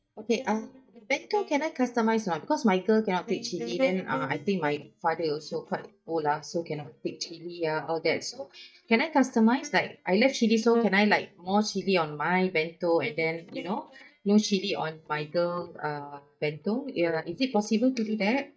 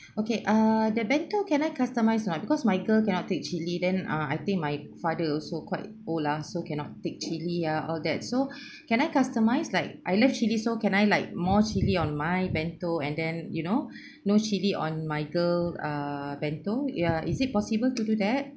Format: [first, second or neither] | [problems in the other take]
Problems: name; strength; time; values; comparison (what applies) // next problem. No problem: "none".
second | noise reduction (neural mask model DeepFilterNet 3)